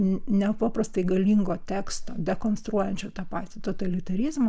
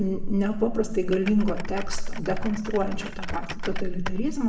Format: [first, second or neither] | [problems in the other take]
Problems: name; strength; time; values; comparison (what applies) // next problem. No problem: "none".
first | background sound (Typing); 15 dB below the speech // room echo; dies away in 0.8 s